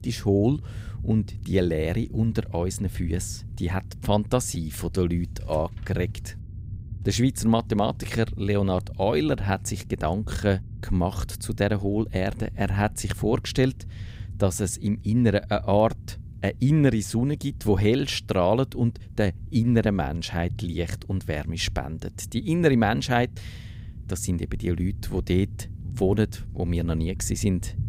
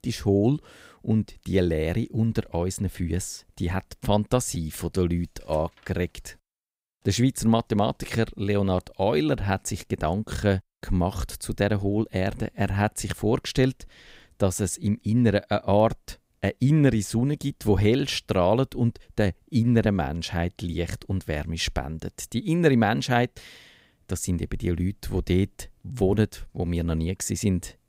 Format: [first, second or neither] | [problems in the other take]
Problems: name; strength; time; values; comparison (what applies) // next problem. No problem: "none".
second | low rumble; faint; throughout; 25 dB below the speech